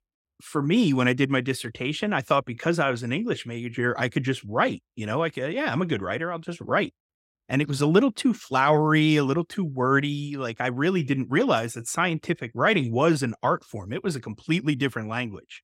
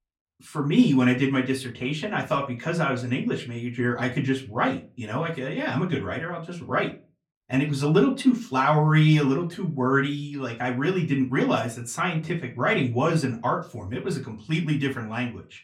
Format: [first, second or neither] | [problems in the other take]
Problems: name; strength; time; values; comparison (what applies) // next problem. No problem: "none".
first | off-mic speech; far // room echo; very slight; dies away in 0.2 s